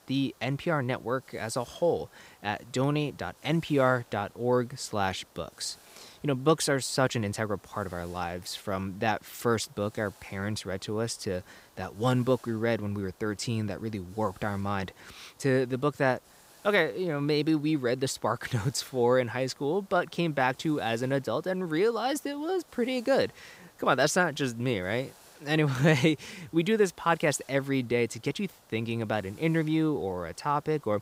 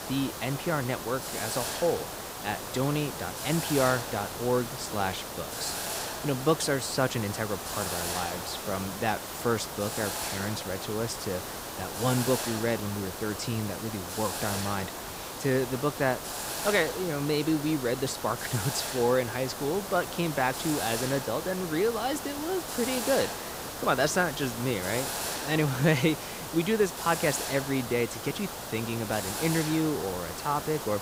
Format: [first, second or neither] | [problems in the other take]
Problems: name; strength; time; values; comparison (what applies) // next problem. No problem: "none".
first | hiss; loud; throughout; 5 dB below the speech; faint in the first